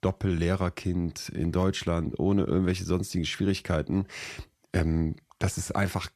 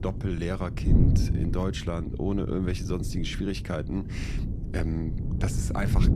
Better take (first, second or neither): first